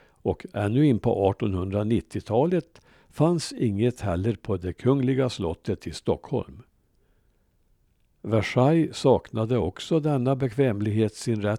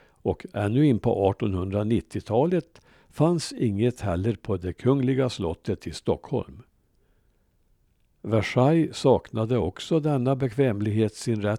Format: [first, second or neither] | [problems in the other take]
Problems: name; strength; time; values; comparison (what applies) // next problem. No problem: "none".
neither | none